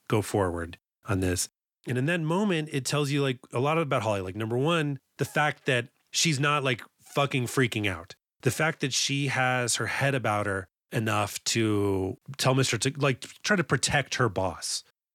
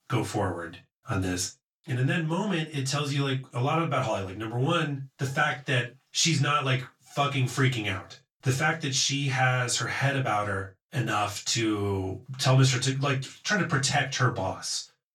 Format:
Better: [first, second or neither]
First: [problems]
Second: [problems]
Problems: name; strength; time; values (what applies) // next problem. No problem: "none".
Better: first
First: none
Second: room echo; very slight; dies away in 0.2 s // off-mic speech; far